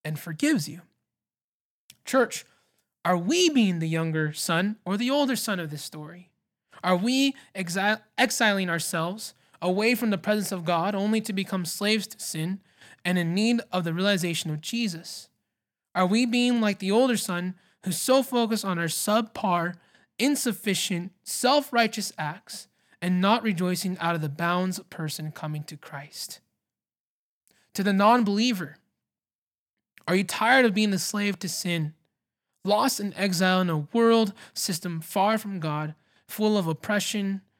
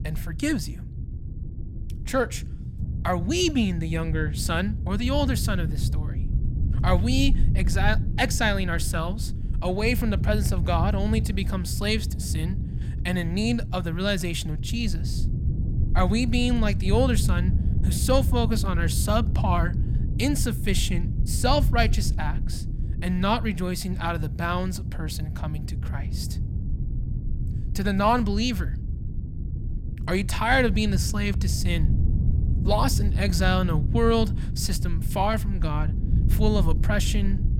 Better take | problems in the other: first | low rumble; noticeable; throughout; 15 dB below the speech

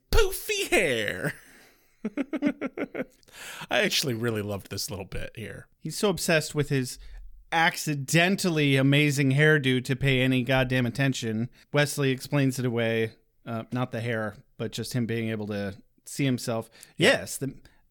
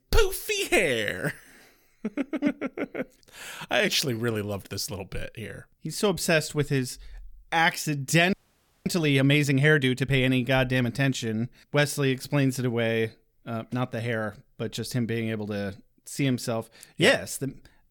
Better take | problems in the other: first | audio freezing; at 8.5 s for 0.5 s

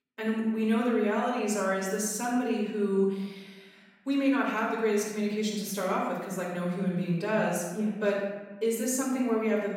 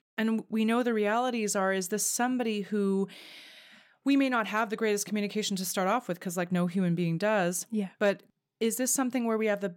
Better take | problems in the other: second | off-mic speech; far // room echo; noticeable; dies away in 1 s

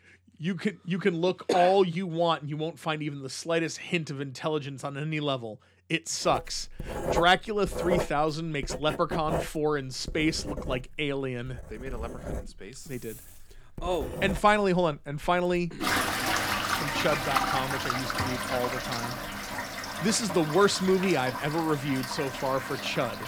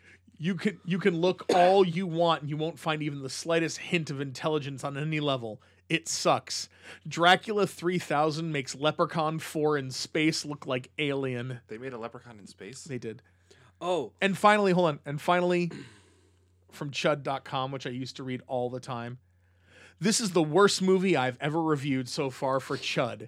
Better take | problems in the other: second | household noises; loud; from 6.5 s on; 4 dB below the speech

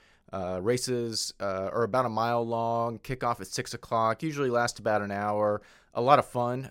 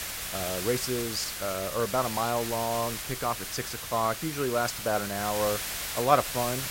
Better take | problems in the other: first | hiss; loud; throughout; 4 dB below the speech

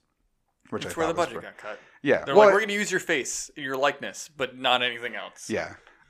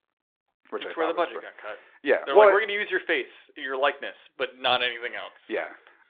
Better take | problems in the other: first | phone-call audio

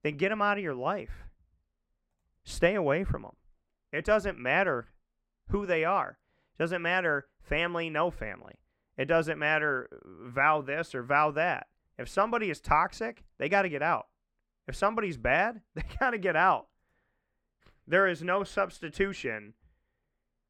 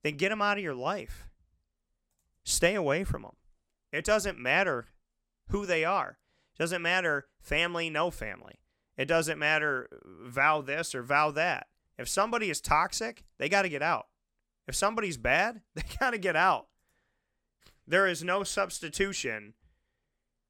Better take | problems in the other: second | muffled; slightly; fading above 3.5 kHz

